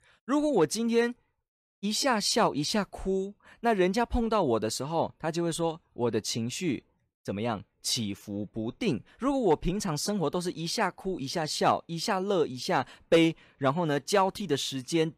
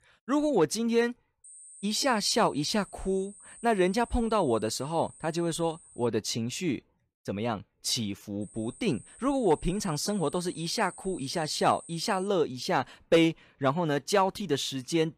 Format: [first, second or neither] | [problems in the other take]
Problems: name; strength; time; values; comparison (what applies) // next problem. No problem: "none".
first | high-pitched whine; noticeable; from 1.5 to 6 s and from 8.5 to 12 s; 8.5 kHz, 20 dB below the speech